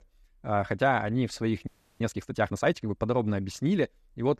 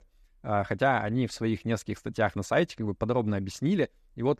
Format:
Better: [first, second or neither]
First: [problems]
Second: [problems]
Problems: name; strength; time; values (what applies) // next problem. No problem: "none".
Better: second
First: audio freezing; at 1.5 s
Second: none